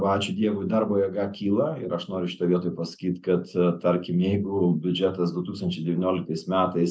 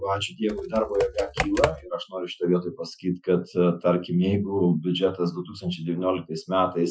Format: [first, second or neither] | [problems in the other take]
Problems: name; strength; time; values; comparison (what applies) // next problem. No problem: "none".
first | noise reduction (classical method Wiener filter)